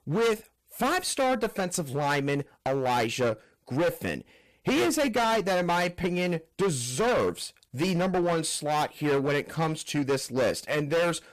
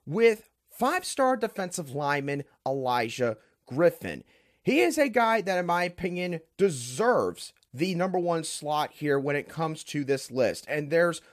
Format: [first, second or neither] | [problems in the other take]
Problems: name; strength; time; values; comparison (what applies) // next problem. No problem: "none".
second | distortion; heavy; 17% of the sound clipped